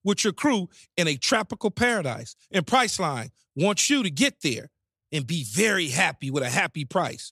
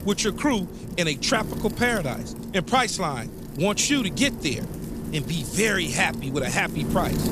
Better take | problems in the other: first | wind noise on the microphone; occasional gusts; 15 dB below the speech

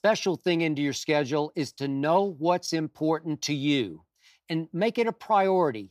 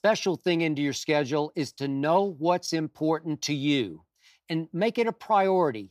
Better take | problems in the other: neither | none

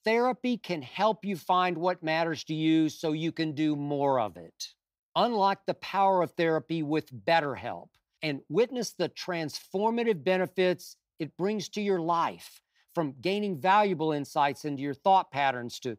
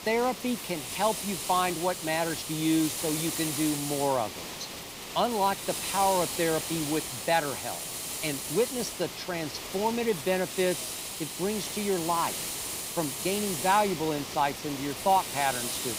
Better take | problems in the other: first | hiss; loud; throughout; 4 dB below the speech

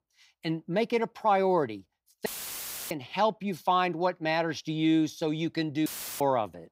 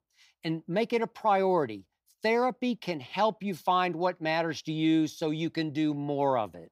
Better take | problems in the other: second | audio cutting out; filled with static; at 2.5 s for 0.5 s and at 6 s

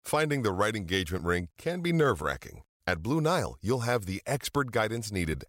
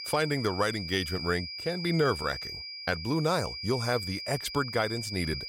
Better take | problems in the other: first | high-pitched whine; loud; throughout; 5 kHz, 6 dB below the speech

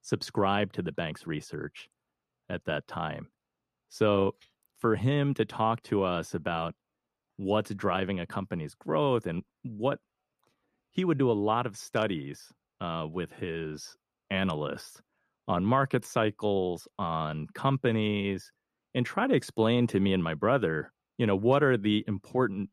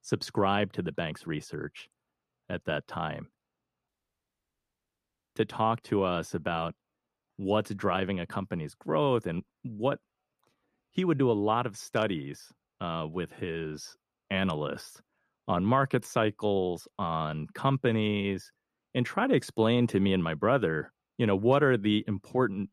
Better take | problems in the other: first | audio cutting out; at 4 s for 1.5 s

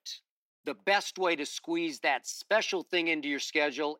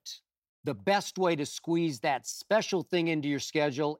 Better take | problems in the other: second | thin; very slightly; fading below 250 Hz

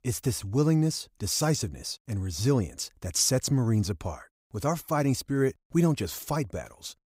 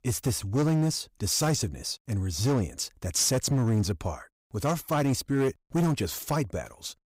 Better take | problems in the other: first | distortion; slight; 9% of the sound clipped

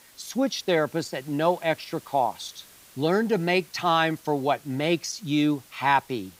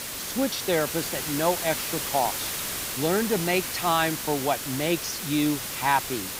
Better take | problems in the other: first | hiss; loud; throughout; 3 dB below the speech; faint in the first

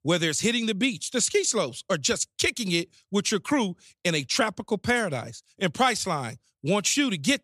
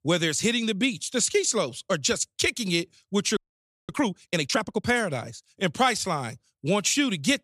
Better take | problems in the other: first | audio freezing; at 3.5 s for 0.5 s

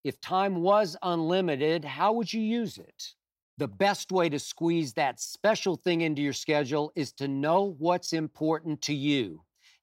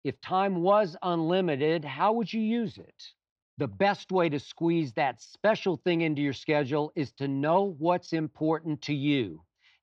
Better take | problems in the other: first | muffled; slightly; fading above 3.5 kHz

